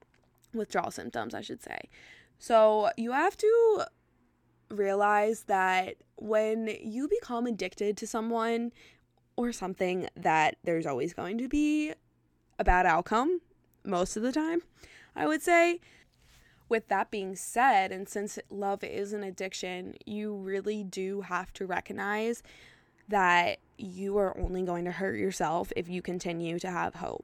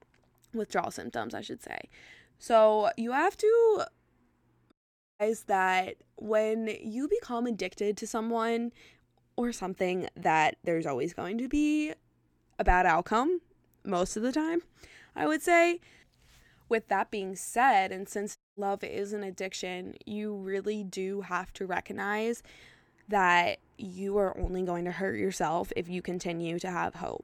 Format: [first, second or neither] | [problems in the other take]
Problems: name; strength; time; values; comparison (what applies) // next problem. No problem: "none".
first | audio cutting out; at 4.5 s and at 18 s